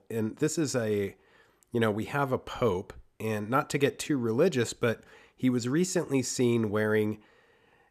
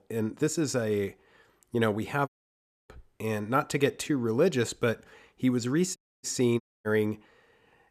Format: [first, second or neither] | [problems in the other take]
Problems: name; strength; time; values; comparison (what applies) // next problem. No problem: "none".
first | audio cutting out; at 2.5 s for 0.5 s, at 6 s and at 6.5 s